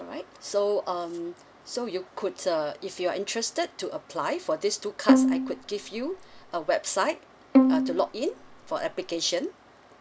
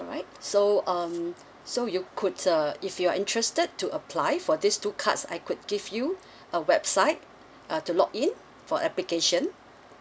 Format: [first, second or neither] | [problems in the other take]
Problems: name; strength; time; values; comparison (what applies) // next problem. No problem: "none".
second | background sound (Bowed string instrument); 5 dB above the speech